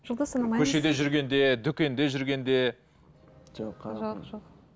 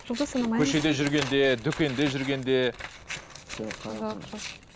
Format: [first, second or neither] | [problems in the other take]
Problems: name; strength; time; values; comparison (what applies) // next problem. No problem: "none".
first | background sound (Scissors); 13 dB below the speech